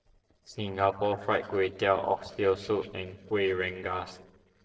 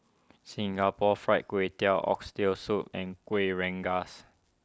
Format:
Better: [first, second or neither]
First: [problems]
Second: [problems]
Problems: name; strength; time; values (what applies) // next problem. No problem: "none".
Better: second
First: noise reduction (neural separator model SepFormer DNS4)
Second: none